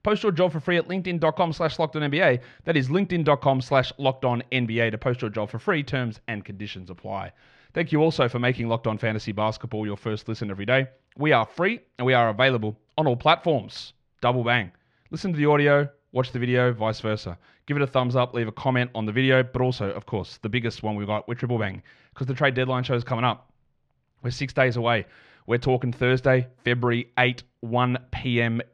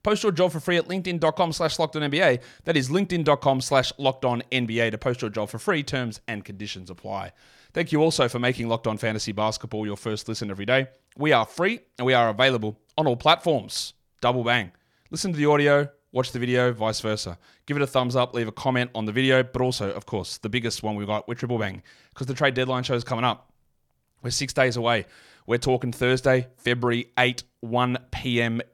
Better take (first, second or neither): second